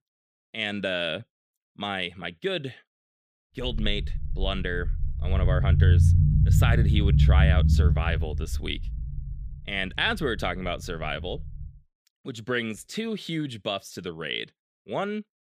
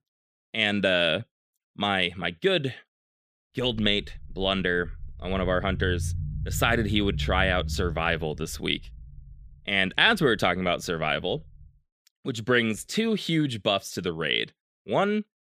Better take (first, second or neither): second